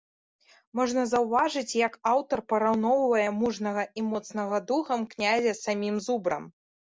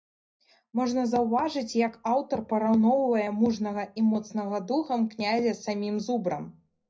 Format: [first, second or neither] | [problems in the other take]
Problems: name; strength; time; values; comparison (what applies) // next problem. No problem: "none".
first | room echo; dies away in 0.5 s